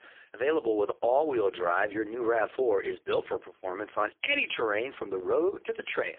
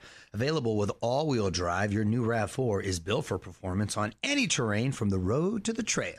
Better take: second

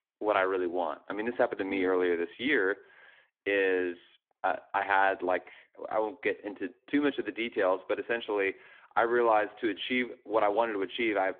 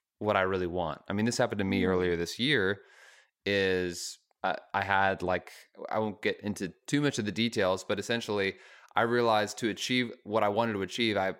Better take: second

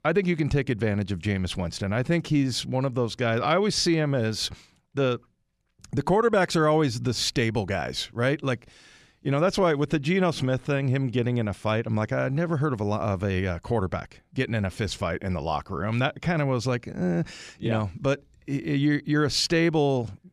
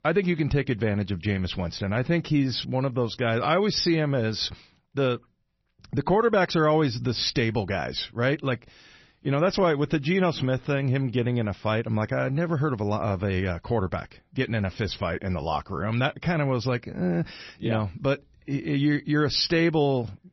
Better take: first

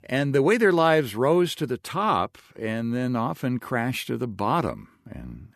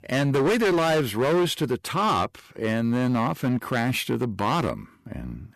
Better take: first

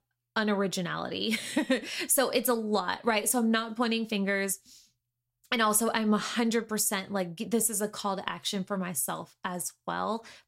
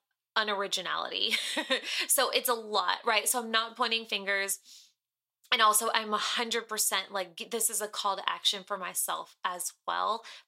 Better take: first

